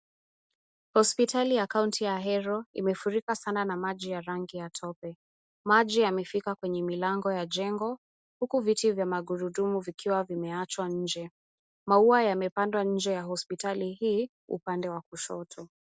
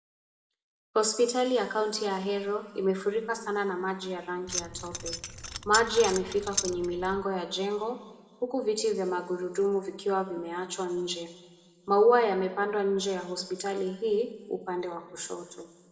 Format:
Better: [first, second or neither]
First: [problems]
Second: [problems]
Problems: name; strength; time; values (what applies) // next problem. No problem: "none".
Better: first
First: none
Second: background sound (Keys jangling); 7 dB below the speech // room echo; dies away in 1.4 s